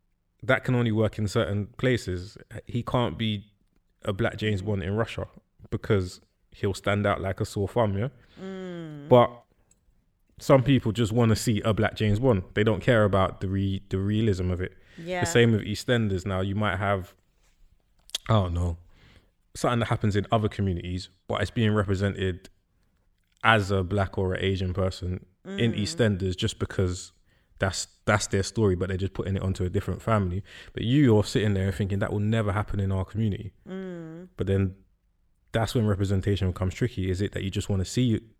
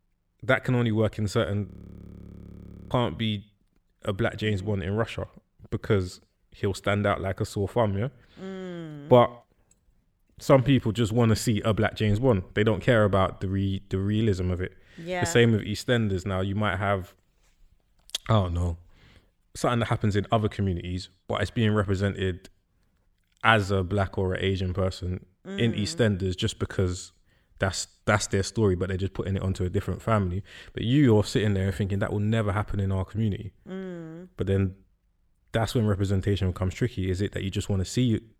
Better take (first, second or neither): first